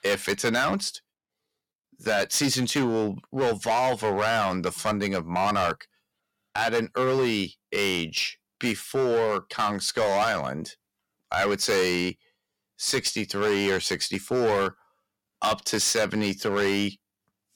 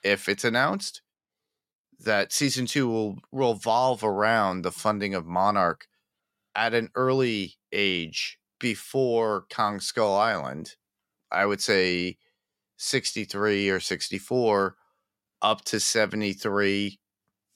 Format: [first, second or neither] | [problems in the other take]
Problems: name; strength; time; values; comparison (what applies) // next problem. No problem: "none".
second | distortion; heavy; 9% of the sound clipped